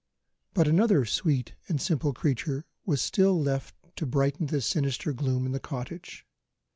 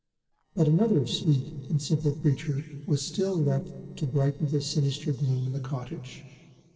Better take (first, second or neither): first